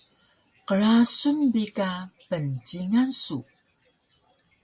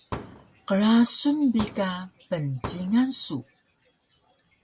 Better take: first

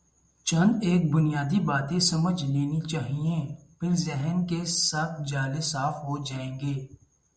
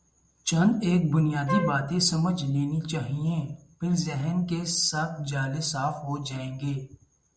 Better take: first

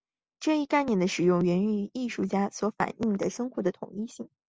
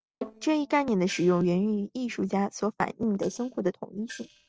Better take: first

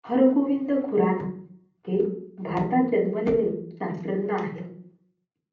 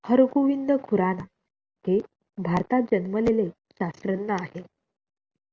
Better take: second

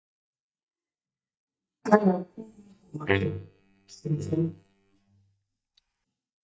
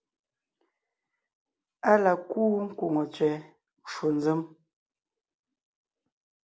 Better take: second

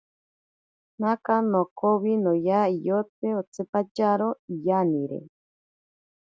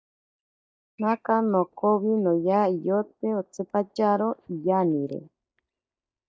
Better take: first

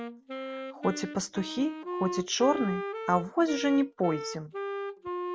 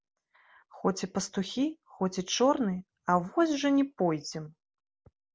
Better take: second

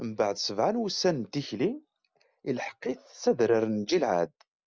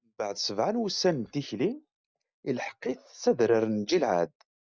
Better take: first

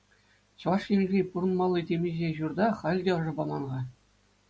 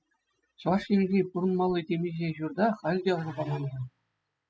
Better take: first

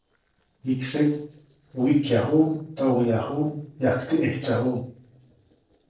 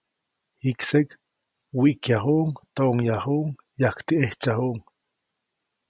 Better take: second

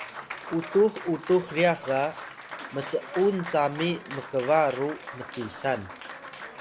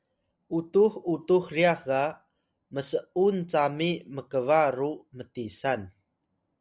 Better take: second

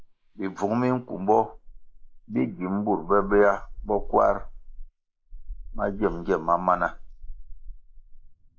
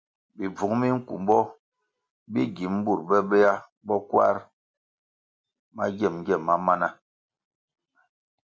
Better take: second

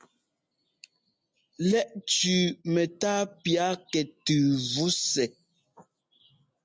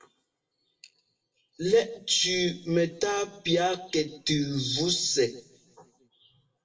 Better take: first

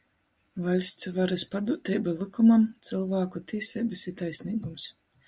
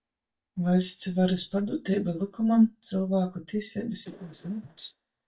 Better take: first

